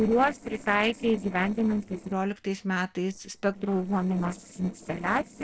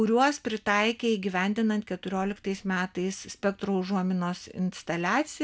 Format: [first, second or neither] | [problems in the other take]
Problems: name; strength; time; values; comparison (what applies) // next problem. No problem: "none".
second | noise reduction (neural separator model SepFormer DNS4)